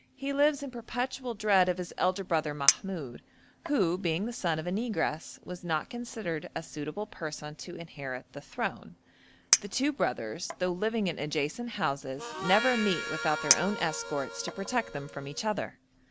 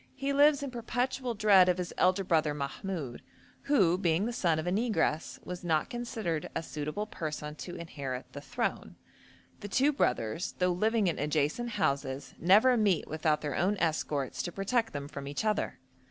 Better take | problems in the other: second | background sound (Harmonica + Chink, clink); 4 dB below the speech

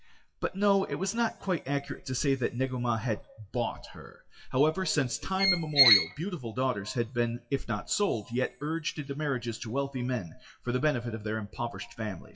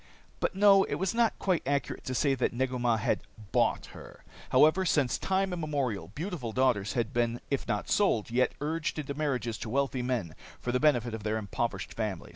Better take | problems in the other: second | noise reduction (classical method WPE with log-MMSE)

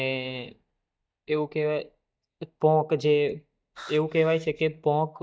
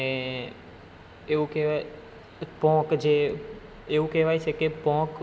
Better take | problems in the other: second | noise reduction (neural mask model DeepFilterNet 3)

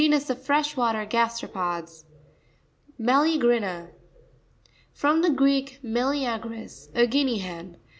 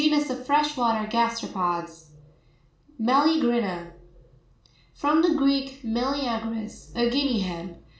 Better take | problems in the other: first | room echo; dies away in 0.4 s

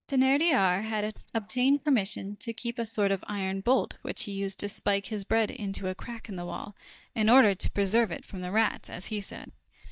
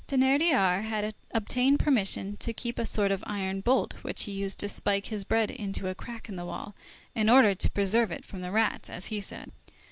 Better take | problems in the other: second | noise reduction (neural mask model DeepFilterNet 3)

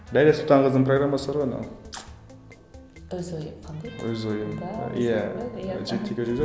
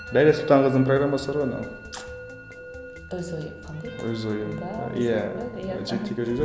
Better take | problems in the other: first | background sound (Musical instrument); 16 dB below the speech

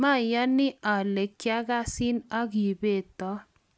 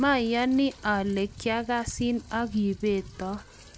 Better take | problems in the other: first | background sound (Rain); 18 dB below the speech

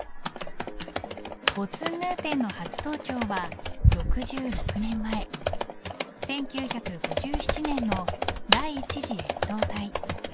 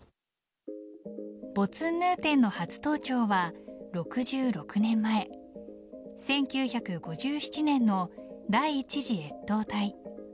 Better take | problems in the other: second | background sound (Computer keyboard); 4 dB above the speech

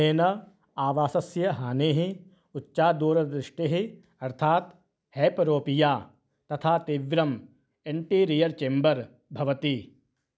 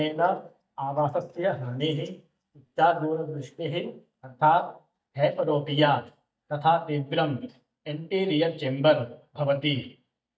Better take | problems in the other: first | noise reduction (neural mask model DeepFilterNet 3)

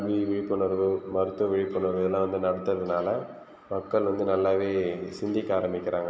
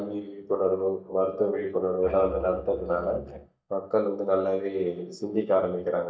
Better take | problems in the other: first | noise reduction (neural mask model DeepFilterNet 3)

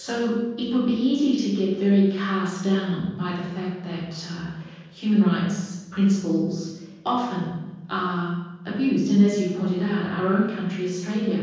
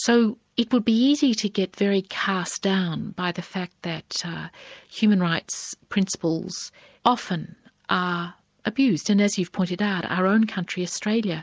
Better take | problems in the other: second | room echo; dies away in 1.3 s

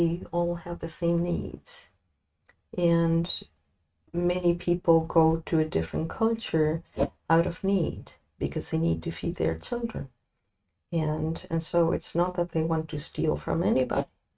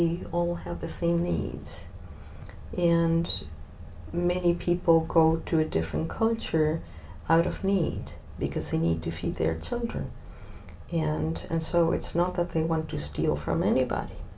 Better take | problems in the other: second | noise reduction (neural mask model RNNoise)

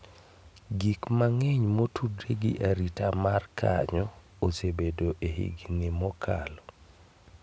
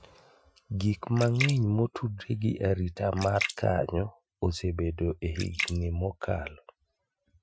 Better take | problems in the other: first | noise reduction (classical method Wiener filter)

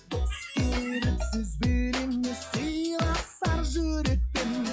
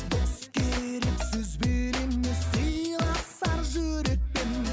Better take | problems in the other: second | noise reduction (classical method log-MMSE)

